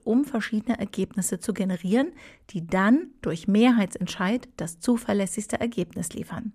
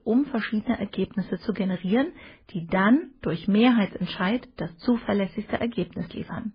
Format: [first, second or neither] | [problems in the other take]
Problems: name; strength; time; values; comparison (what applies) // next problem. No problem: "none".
first | garbled, watery; badly; nothing above 4 kHz